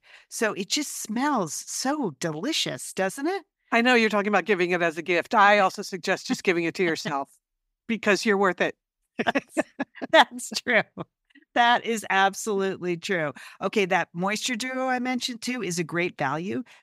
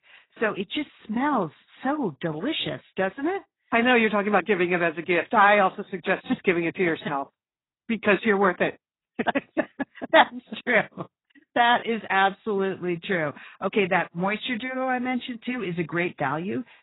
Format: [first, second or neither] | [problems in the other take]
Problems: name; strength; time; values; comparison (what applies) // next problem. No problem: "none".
first | garbled, watery; badly; nothing above 4 kHz